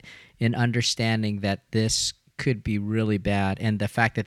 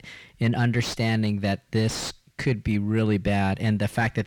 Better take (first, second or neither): first